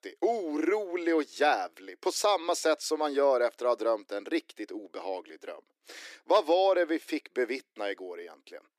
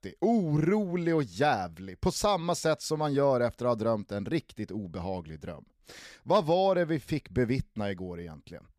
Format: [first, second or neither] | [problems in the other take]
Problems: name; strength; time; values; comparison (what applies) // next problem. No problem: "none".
second | thin; somewhat; fading below 300 Hz